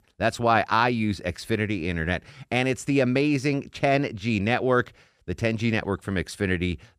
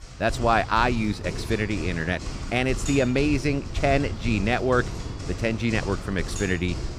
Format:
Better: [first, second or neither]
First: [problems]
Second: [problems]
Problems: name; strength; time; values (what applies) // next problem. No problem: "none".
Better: first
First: none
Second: animal sounds; loud; throughout; 9 dB below the speech